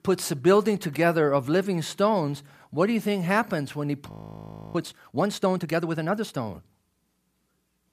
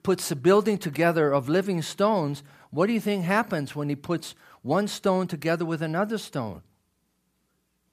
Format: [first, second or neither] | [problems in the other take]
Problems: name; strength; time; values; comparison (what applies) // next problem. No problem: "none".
second | audio freezing; at 4 s for 0.5 s